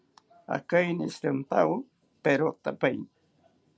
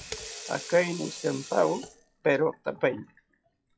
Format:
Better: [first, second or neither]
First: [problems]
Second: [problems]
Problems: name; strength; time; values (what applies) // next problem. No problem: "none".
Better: first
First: none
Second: noise reduction (classical method WPE with log-MMSE)